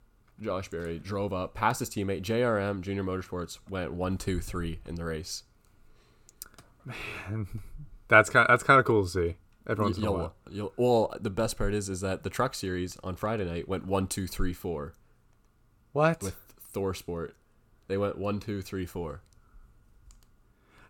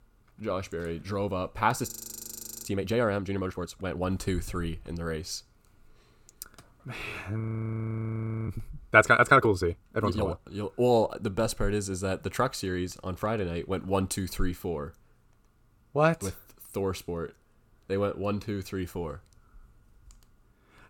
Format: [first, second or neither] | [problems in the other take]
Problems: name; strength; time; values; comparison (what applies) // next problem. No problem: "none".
first | audio freezing; at 2 s for 1 s and at 7.5 s for 1 s